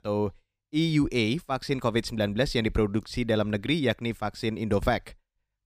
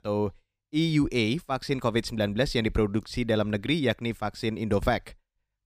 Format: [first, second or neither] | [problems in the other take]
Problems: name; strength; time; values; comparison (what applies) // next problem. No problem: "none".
neither | none